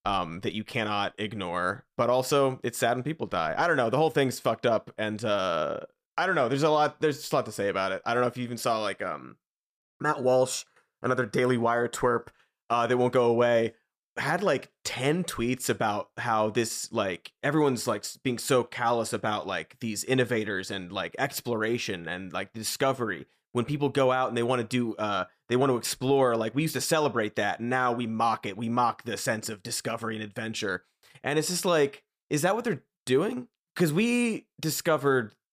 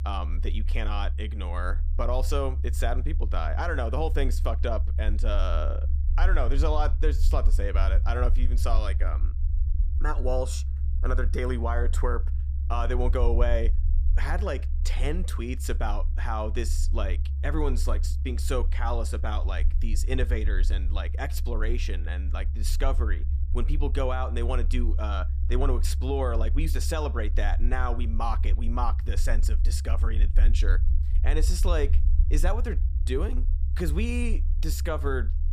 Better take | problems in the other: first | low rumble; noticeable; throughout; 15 dB below the speech

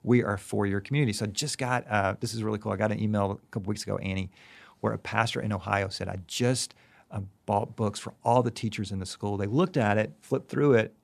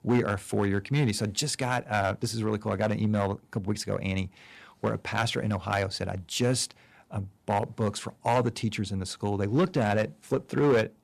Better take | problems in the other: first | distortion; slight; 3% of the sound clipped

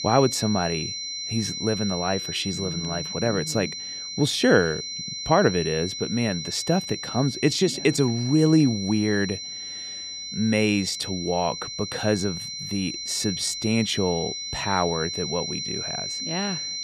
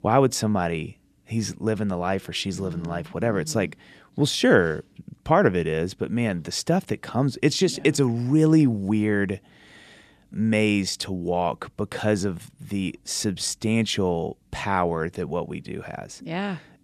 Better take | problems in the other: second | high-pitched whine; loud; throughout; 4 kHz, 6 dB below the speech

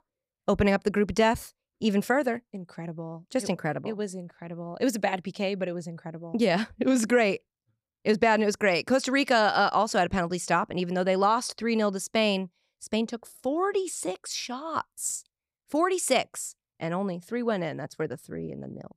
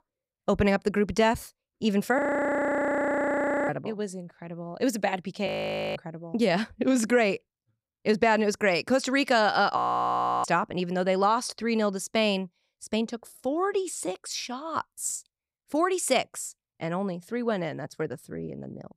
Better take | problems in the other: first | audio freezing; at 2 s for 1.5 s, at 5.5 s and at 10 s for 0.5 s

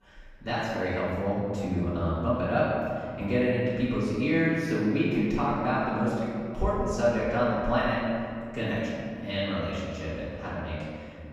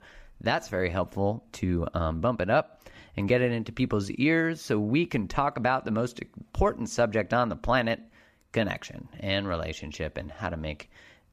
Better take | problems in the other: second | room echo; strong; dies away in 2.3 s // off-mic speech; far

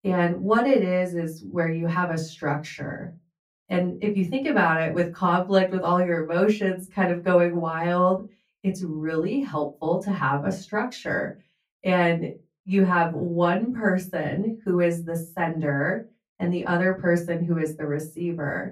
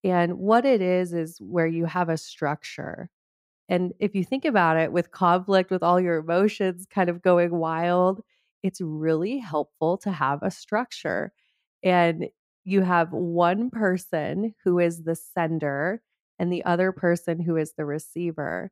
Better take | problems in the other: second | off-mic speech; far // room echo; very slight; dies away in 0.2 s

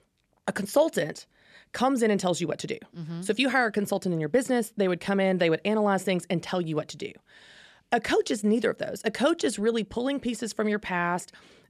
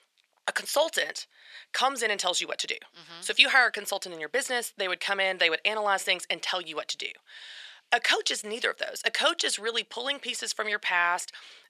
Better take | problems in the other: first | thin; very; fading below 800 Hz

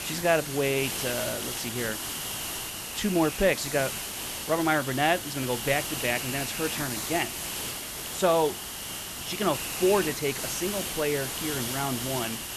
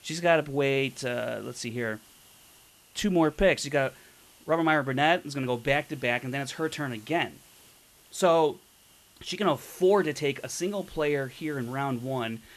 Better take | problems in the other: second | hiss; loud; throughout; 4 dB below the speech; faint in the second

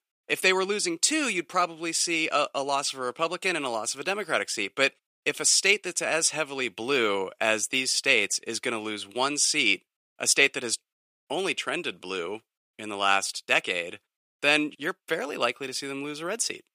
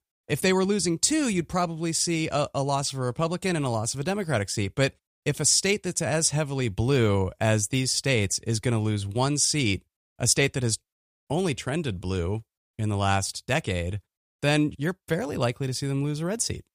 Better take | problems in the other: second | thin; somewhat; fading below 300 Hz

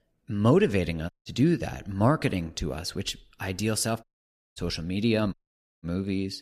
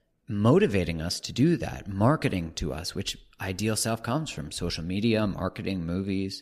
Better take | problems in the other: second | audio cutting out; at 1 s, at 4 s for 0.5 s and at 5.5 s

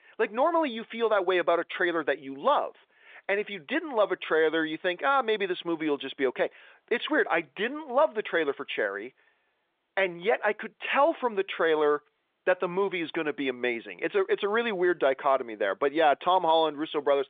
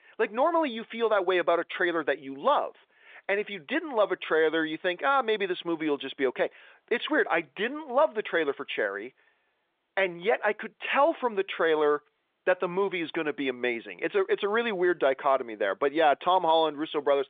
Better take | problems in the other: neither | phone-call audio; the same in both

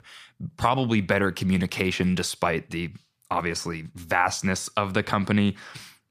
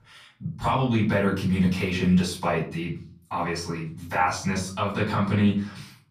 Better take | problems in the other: first | room echo; slight; dies away in 0.4 s // off-mic speech; far

